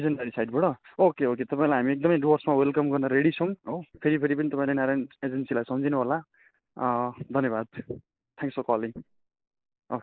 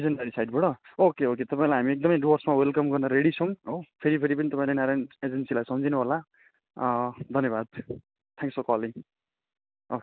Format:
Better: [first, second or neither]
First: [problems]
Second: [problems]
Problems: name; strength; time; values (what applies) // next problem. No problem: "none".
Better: second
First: noise reduction (neural mask model Resemble Enhance denoiser)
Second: none